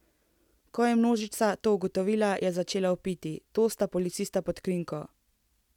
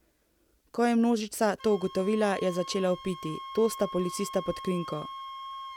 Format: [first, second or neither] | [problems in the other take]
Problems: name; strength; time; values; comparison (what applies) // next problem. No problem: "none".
first | background sound (Wind instrument, woodwind instrument); 13 dB below the speech